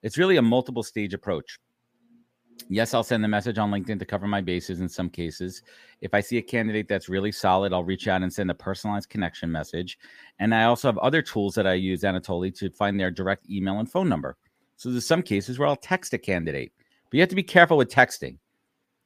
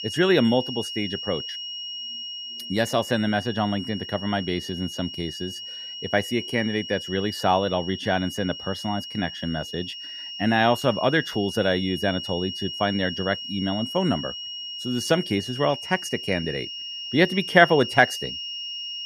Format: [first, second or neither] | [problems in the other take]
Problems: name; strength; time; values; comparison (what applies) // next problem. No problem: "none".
first | high-pitched whine; loud; throughout; 3 kHz, 8 dB below the speech